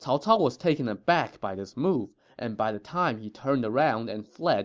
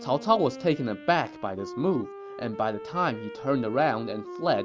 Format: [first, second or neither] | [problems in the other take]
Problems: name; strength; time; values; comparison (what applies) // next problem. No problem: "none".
first | background sound (Wind instrument, woodwind instrument); 13 dB below the speech